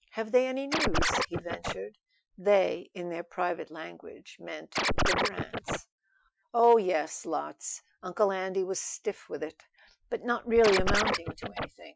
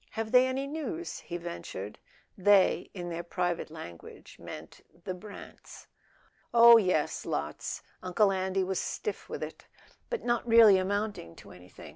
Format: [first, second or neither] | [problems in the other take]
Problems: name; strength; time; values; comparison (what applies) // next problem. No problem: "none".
second | noise reduction (classical method Wiener filter)